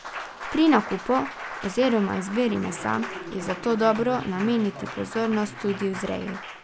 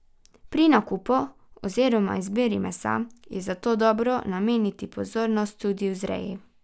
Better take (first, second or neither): second